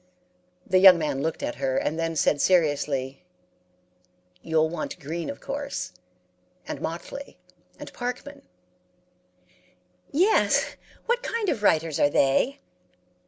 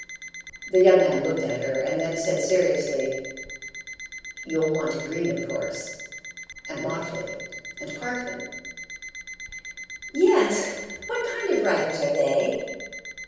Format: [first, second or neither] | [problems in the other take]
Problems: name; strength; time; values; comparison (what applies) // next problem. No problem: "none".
first | background sound (Alarm); 13 dB below the speech // room echo; dies away in 1.3 s